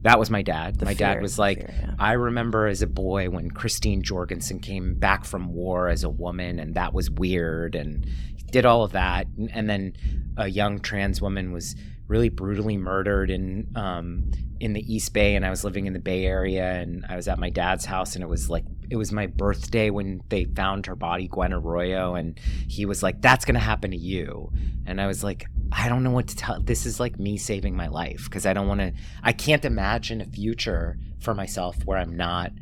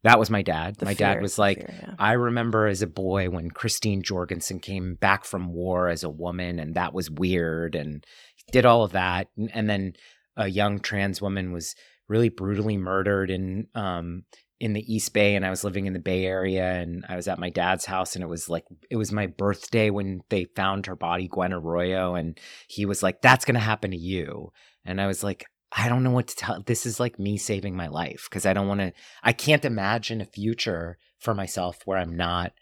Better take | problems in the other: second | low rumble; faint; throughout; 25 dB below the speech

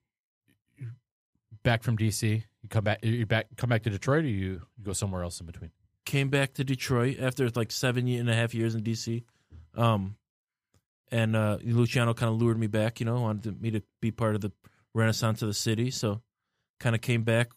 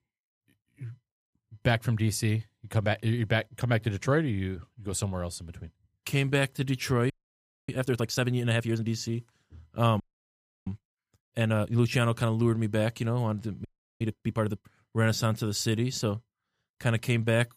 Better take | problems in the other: first | audio freezing; at 7 s for 0.5 s, at 10 s for 0.5 s and at 14 s

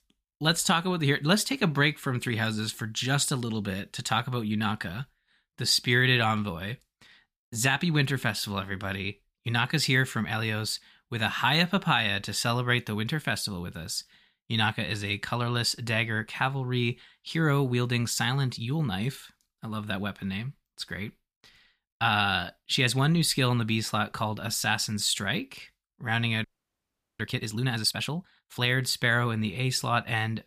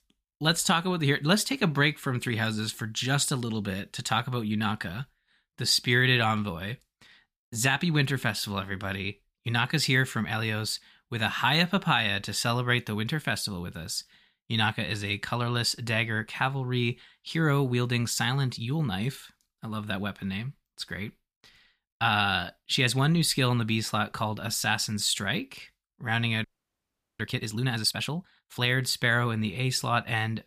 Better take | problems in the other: neither | audio freezing; at 26 s for 1 s; the same in both

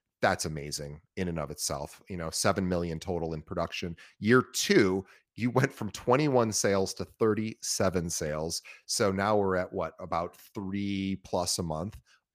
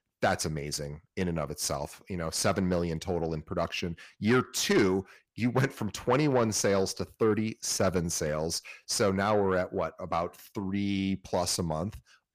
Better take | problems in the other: first | distortion; slight; 10 dB below the speech

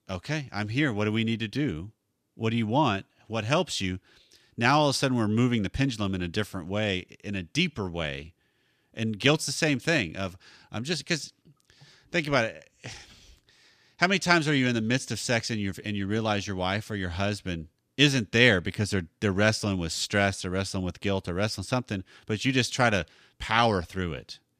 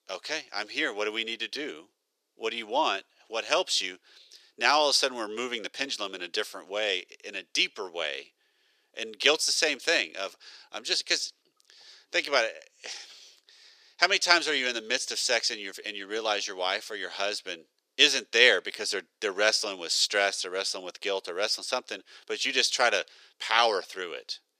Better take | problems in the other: first | thin; very; fading below 400 Hz

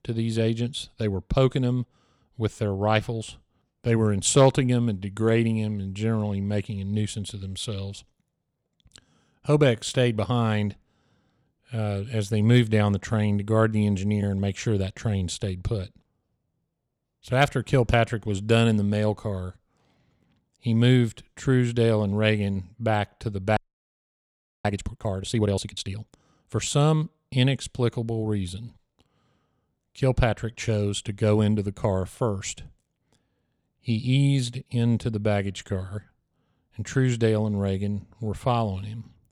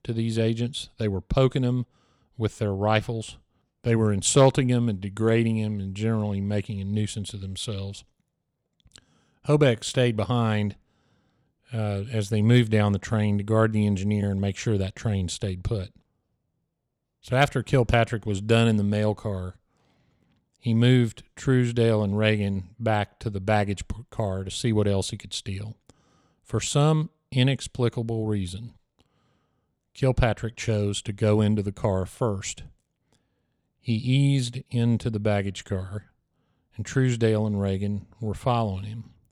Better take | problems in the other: second | audio freezing; at 24 s for 1 s

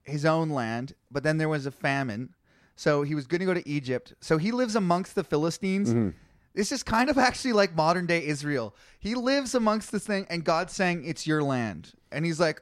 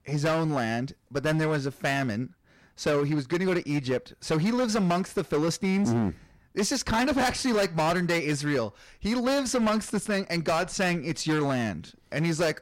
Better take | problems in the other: first | distortion; heavy; 14% of the sound clipped

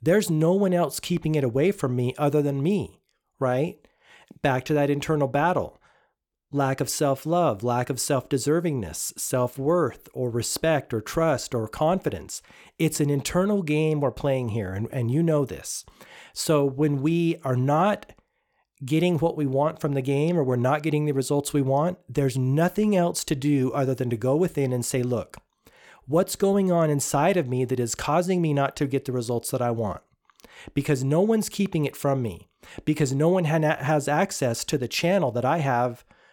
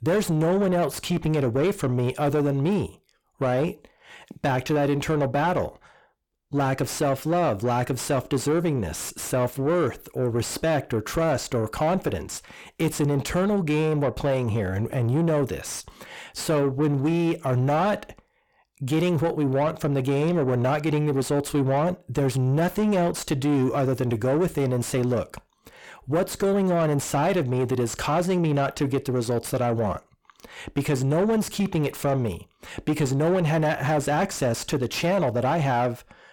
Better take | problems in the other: first | distortion; slight; 10 dB below the speech

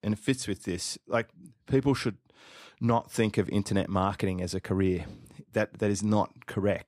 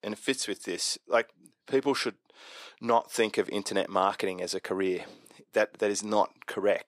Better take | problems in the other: first | thin; somewhat; fading below 450 Hz

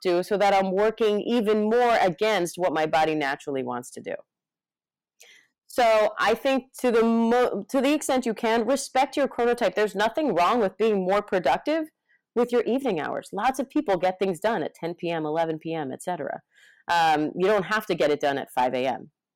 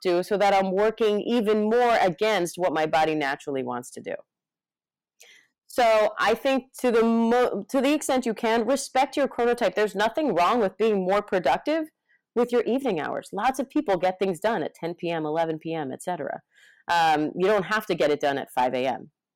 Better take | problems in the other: neither | distortion; slight; 8% of the sound clipped; the same in both

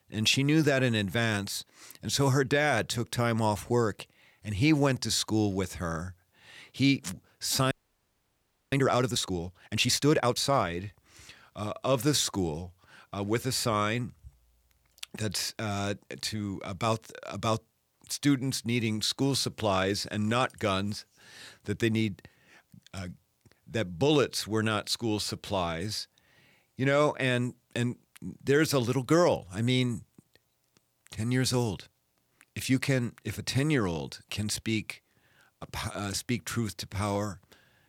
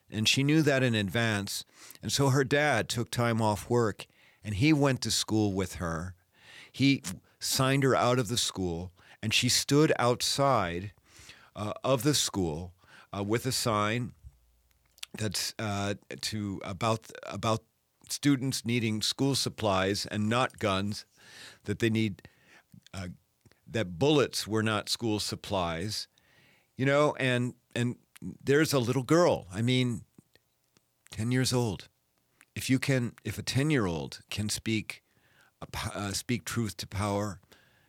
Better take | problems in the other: second | audio freezing; at 7.5 s for 1 s

